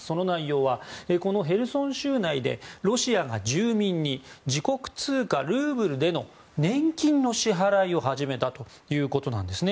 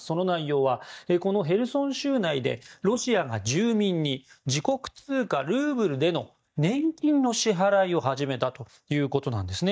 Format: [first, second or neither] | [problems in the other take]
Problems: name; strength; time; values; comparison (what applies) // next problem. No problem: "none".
first | noise reduction (neural mask model DeepFilterNet 3)